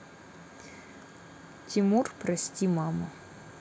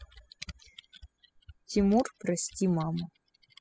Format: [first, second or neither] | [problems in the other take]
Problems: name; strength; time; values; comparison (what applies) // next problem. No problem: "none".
first | noise reduction (classical method spectral subtraction)